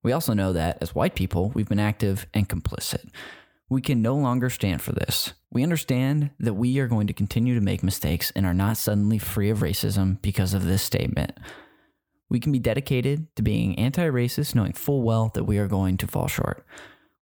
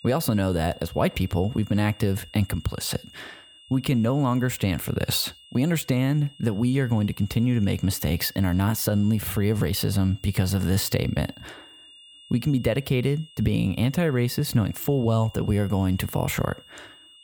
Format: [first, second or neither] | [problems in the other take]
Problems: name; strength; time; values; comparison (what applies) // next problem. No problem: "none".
first | high-pitched whine; faint; throughout; 3 kHz, 25 dB below the speech